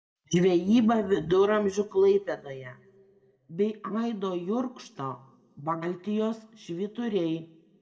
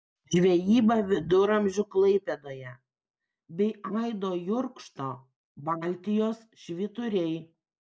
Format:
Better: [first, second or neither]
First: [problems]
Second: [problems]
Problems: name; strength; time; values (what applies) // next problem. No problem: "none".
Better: second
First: room echo; dies away in 1.8 s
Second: none